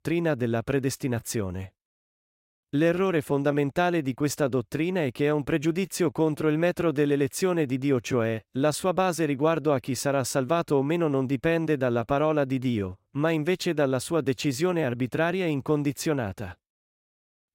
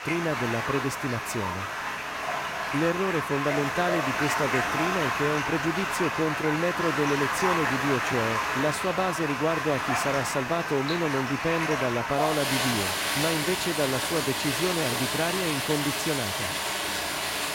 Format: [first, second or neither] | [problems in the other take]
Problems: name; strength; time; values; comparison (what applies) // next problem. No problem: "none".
first | rain or running water; very loud; throughout; 1 dB above the speech